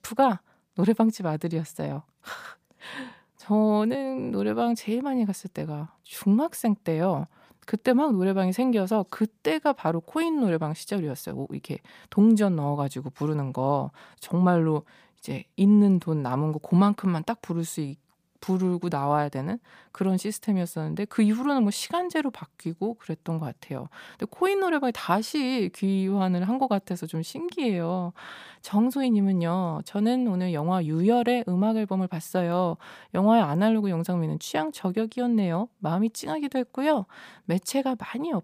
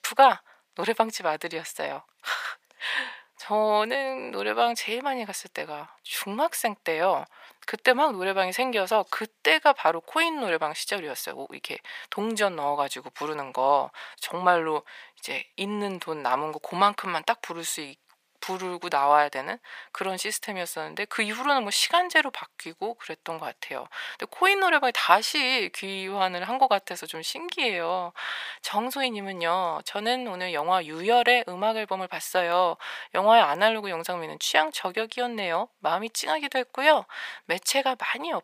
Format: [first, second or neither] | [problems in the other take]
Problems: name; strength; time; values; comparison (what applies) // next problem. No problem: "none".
first | thin; very; fading below 700 Hz